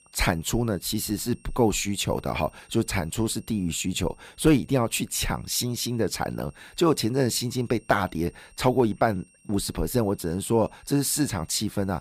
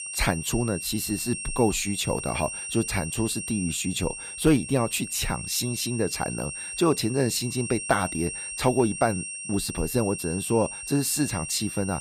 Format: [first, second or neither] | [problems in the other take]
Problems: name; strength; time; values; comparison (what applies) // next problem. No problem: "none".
first | high-pitched whine; loud; throughout; 8.5 kHz, 7 dB below the speech; faint in the first